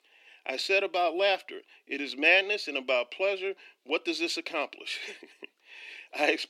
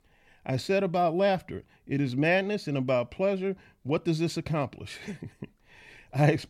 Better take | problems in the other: second | thin; somewhat; fading below 300 Hz

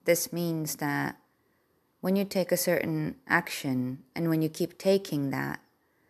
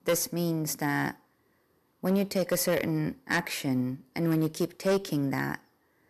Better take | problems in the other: first | distortion; slight; 5% of the sound clipped

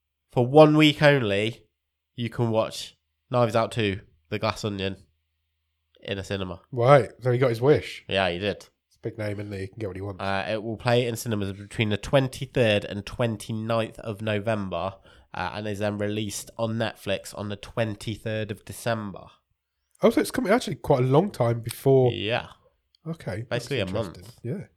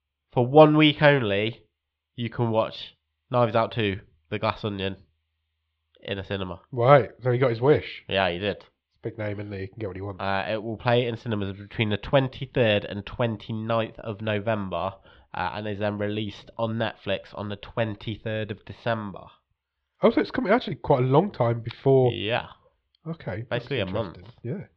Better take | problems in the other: first | muffled; slightly; fading above 4 kHz

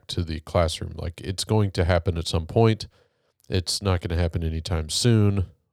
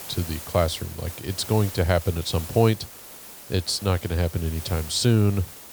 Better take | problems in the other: first | hiss; noticeable; throughout; 15 dB below the speech

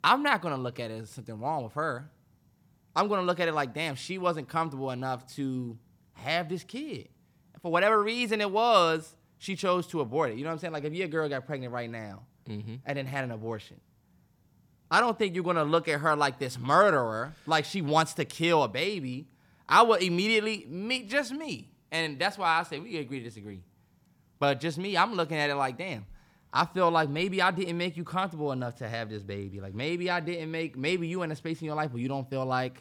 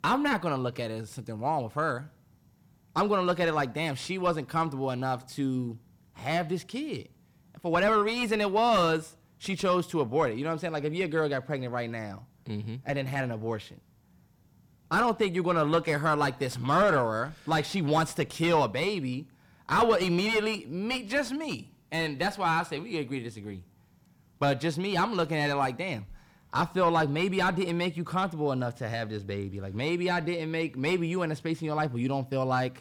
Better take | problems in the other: first | distortion; heavy; 7 dB below the speech

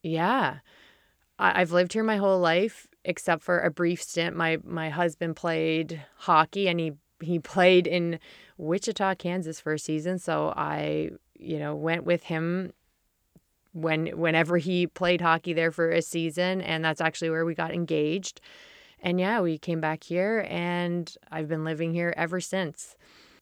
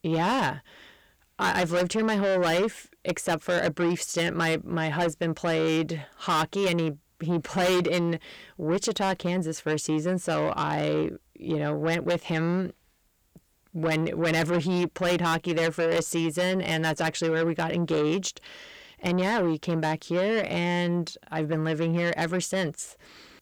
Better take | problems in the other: first | distortion; heavy; 7 dB below the speech

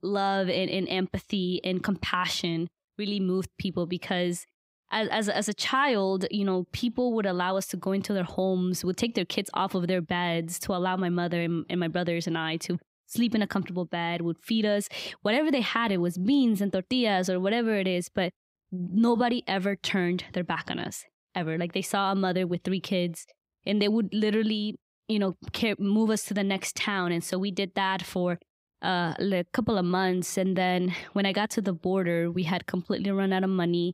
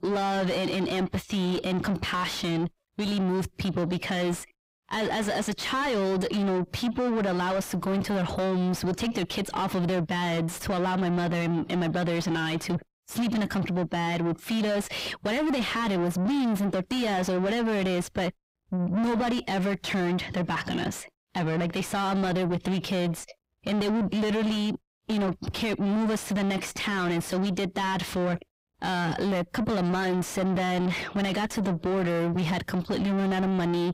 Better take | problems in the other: first | distortion; heavy; 7 dB below the speech

